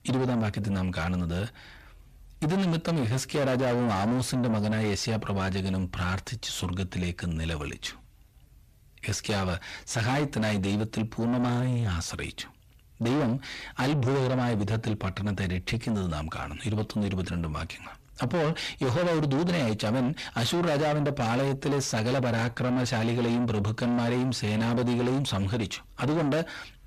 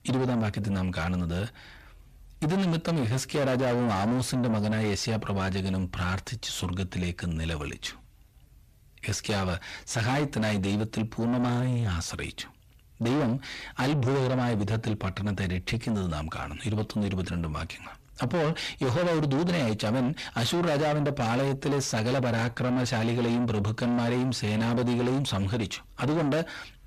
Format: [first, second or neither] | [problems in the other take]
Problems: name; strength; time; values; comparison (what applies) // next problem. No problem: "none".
neither | distortion; heavy; 6 dB below the speech; the same in both